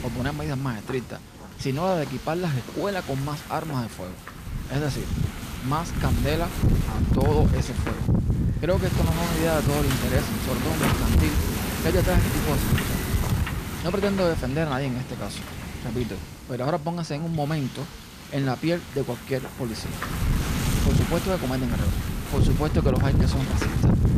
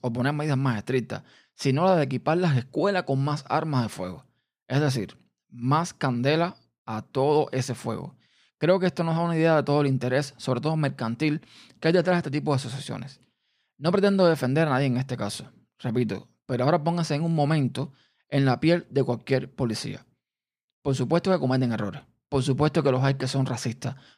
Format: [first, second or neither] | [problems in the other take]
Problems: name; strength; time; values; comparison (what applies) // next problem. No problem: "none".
second | wind noise on the microphone; heavy; 3 dB below the speech